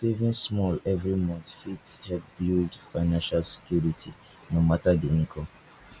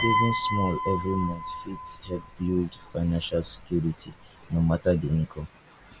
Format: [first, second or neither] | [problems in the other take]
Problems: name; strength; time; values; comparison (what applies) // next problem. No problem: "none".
first | background sound (Piano); 5 dB below the speech